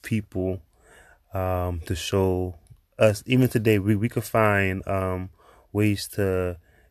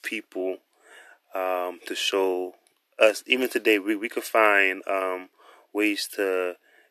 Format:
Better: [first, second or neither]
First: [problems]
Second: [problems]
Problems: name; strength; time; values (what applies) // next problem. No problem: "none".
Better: first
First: none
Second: thin; very; fading below 300 Hz